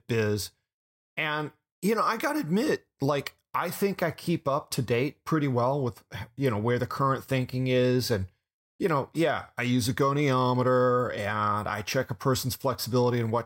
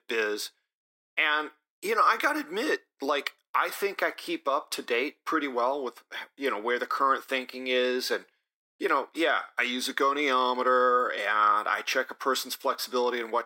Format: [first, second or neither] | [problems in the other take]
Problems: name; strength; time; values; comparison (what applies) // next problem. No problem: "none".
first | thin; somewhat; fading below 300 Hz